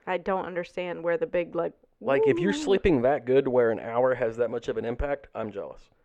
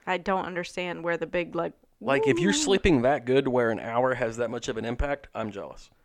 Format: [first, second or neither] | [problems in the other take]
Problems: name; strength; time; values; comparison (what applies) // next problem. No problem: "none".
second | muffled; slightly; fading above 4 kHz